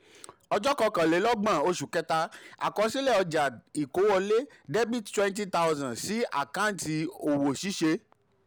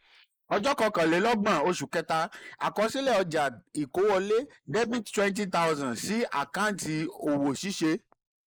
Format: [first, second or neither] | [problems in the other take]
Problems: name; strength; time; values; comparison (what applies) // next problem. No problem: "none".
first | noise reduction (neural mask model Resemble Enhance denoiser)